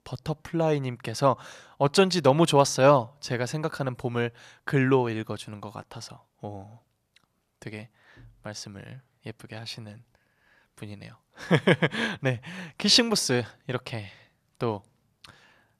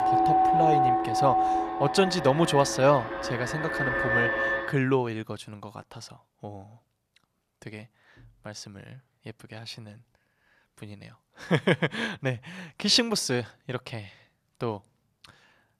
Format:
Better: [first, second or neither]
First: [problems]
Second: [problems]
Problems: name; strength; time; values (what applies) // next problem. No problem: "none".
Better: first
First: none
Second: alarms or sirens; very loud; until 4.5 s; 1 dB above the speech